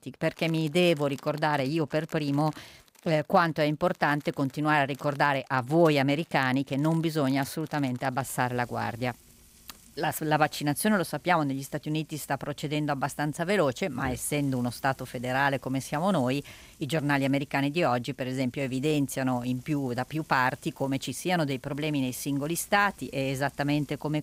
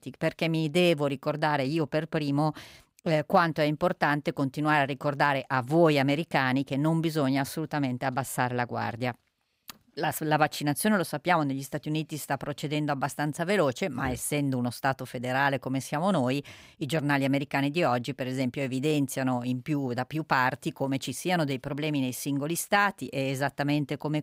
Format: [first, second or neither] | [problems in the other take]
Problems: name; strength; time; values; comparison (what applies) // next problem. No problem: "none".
second | household noises; faint; throughout; 25 dB below the speech